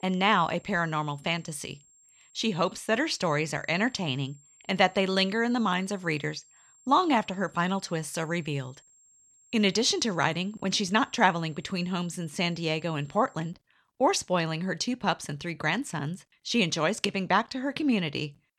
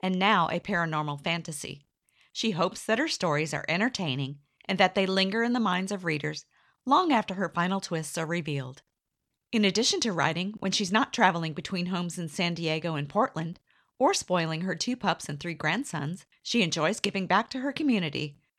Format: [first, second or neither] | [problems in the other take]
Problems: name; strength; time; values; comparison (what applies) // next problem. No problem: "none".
second | high-pitched whine; faint; until 14 s; 7.5 kHz, 30 dB below the speech